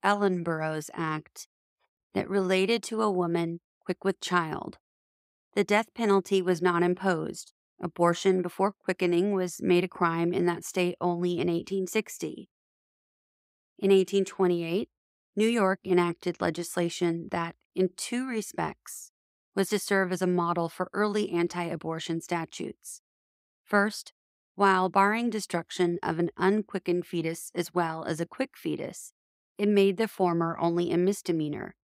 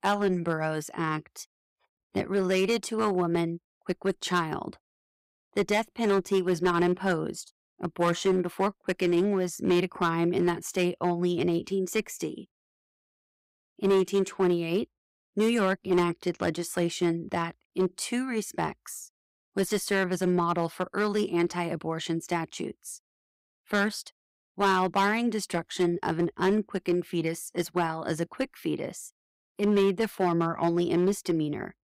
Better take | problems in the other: first | distortion; slight; 4% of the sound clipped

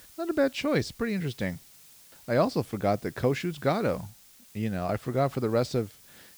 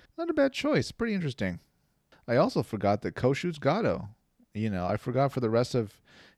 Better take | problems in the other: second | hiss; faint; throughout; 20 dB below the speech

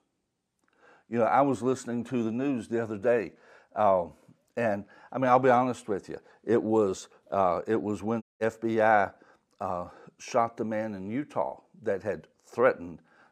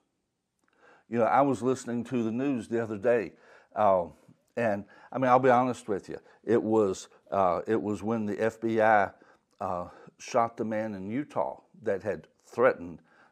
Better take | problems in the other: second | audio cutting out; at 8 s

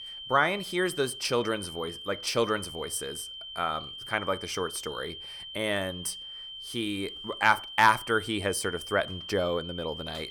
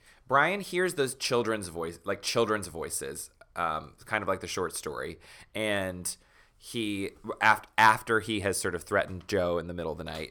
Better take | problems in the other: second | high-pitched whine; loud; throughout; 3 kHz, 10 dB below the speech

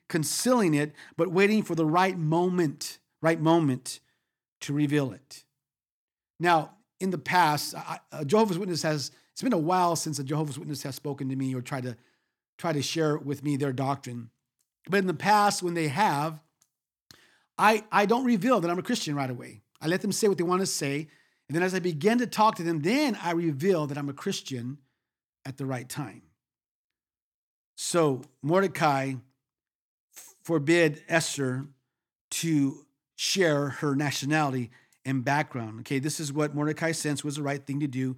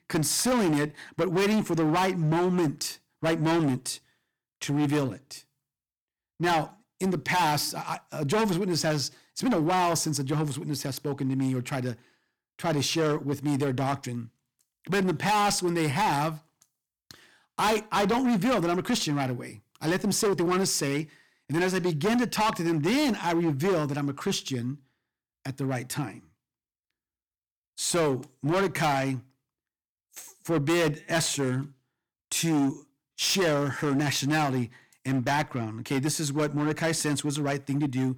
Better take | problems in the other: first | distortion; heavy; 12% of the sound clipped

